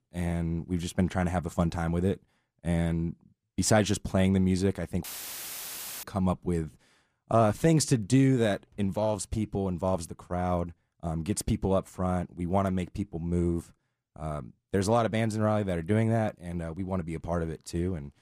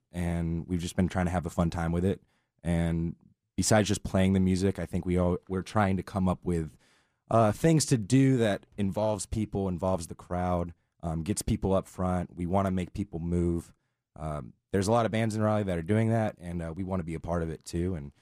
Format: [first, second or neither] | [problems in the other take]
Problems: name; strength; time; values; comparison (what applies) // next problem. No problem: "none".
second | audio cutting out; filled with static; at 5 s for 1 s